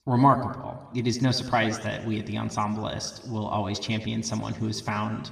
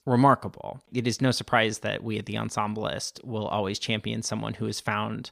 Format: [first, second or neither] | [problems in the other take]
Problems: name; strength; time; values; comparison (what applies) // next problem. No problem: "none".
second | room echo; slight; dies away in 1.2 s // off-mic speech; somewhat distant